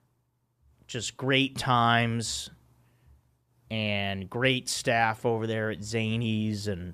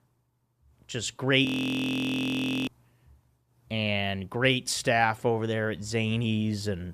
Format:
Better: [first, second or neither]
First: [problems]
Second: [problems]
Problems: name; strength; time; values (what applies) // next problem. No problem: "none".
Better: first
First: none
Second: audio freezing; at 1.5 s for 1 s